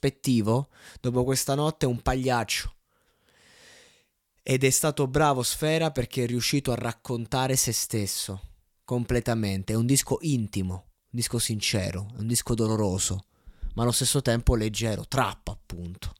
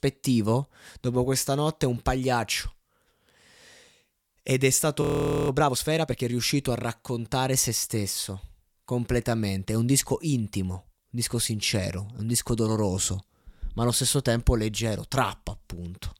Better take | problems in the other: first | audio freezing; at 5 s

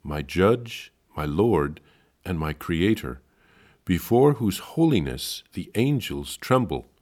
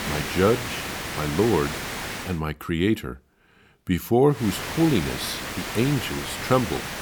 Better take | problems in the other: first | hiss; loud; until 2.5 s and from 4.5 s on; 6 dB below the speech

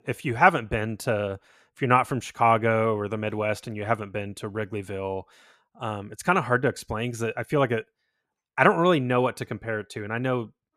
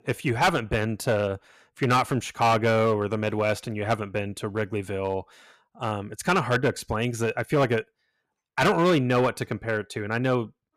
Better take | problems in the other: first | distortion; heavy; 5% of the sound clipped

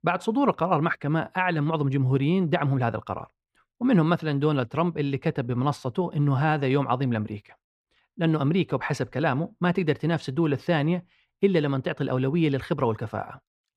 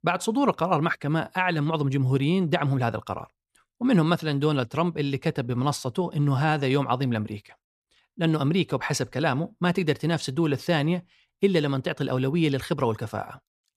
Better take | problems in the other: second | muffled; slightly; fading above 4 kHz

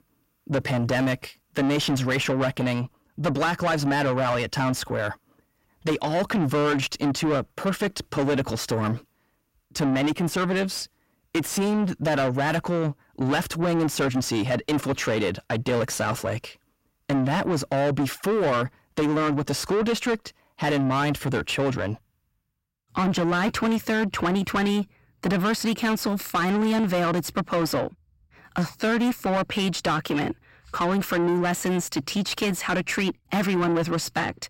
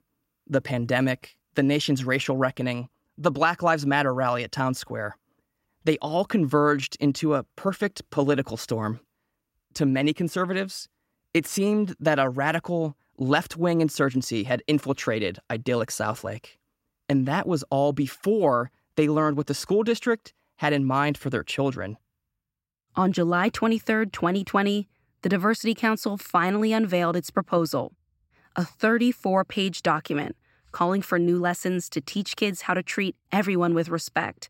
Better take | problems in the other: second | distortion; heavy; 7 dB below the speech

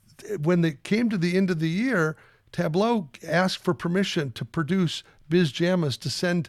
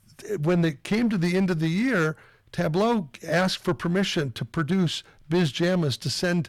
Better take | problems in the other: first | distortion; slight; 8% of the sound clipped

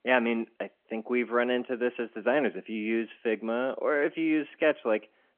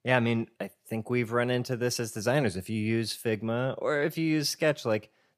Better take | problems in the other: second | phone-call audio

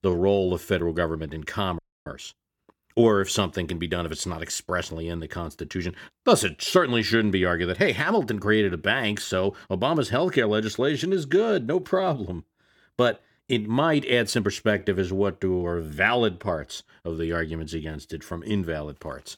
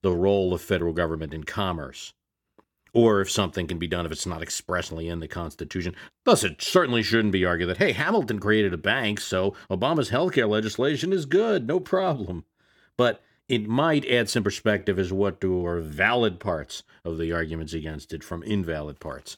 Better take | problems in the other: second | audio freezing; at 2 s

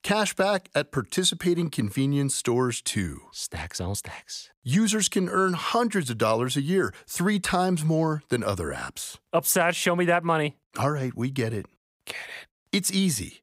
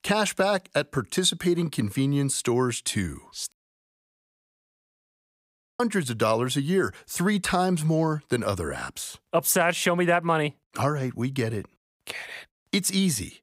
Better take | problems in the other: first | audio cutting out; at 3.5 s for 2.5 s

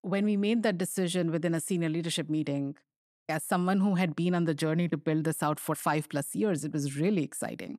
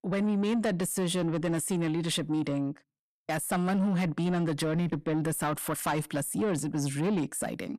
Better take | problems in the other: first | distortion; slight; 10 dB below the speech

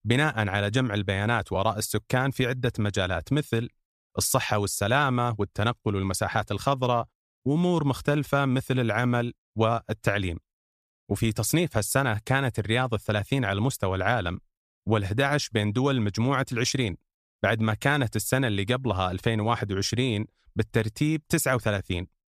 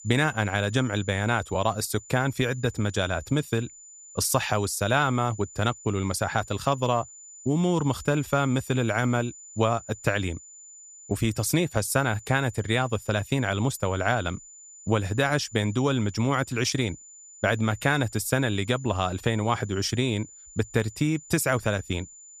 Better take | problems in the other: first | high-pitched whine; noticeable; throughout; 7 kHz, 20 dB below the speech

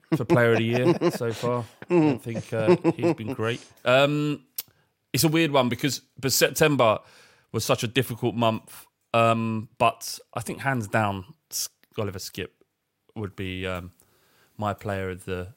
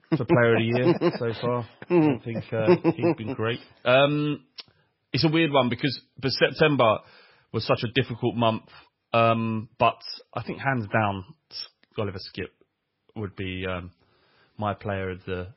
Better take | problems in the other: first | garbled, watery; badly; nothing above 5.5 kHz

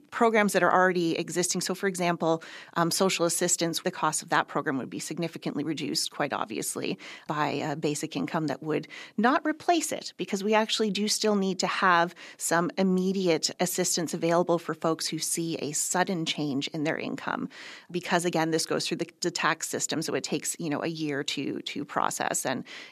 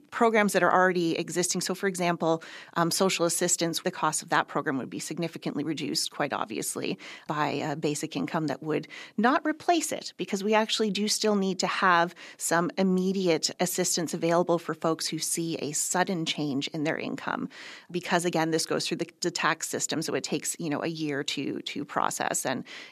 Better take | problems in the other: neither | none

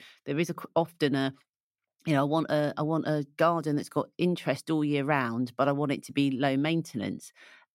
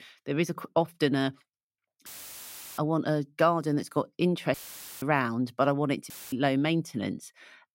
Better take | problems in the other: first | audio cutting out; filled with static; at 2 s for 0.5 s, at 4.5 s and at 6 s

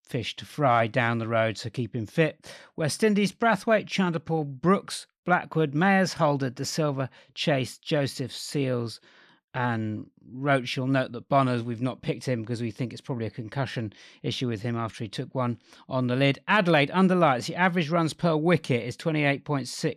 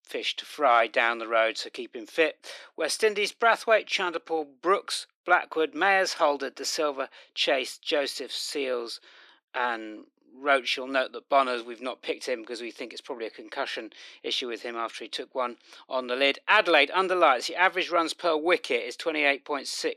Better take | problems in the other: first | thin; very; fading below 350 Hz

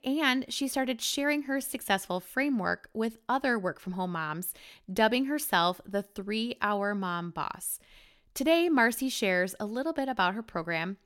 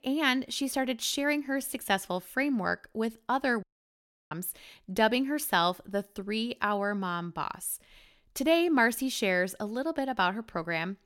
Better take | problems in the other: first | audio cutting out; at 3.5 s for 0.5 s

